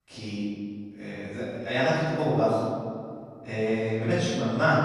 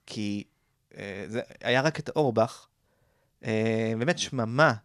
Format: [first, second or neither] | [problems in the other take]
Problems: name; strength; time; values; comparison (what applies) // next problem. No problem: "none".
second | off-mic speech; far // room echo; strong; dies away in 2 s